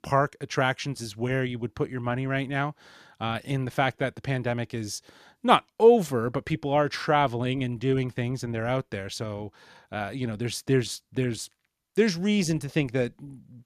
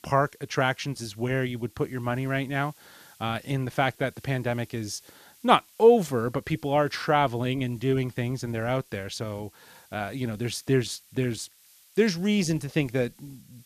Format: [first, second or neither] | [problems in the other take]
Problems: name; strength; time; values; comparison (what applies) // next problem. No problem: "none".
first | hiss; faint; throughout; 25 dB below the speech